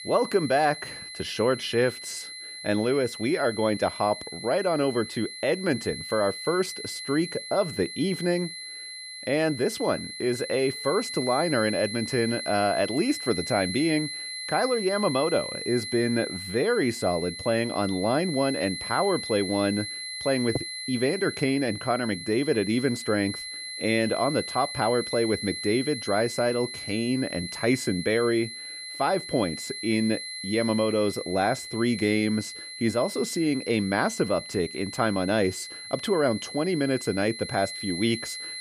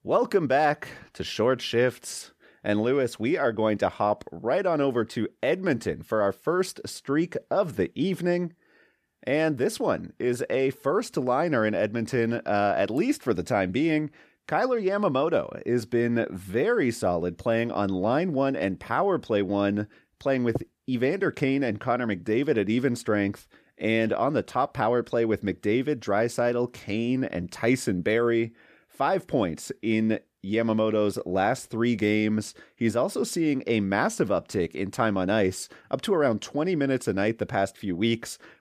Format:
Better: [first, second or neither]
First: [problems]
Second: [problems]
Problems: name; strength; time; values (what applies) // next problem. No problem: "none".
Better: second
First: high-pitched whine; loud; throughout; 4 kHz, 8 dB below the speech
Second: none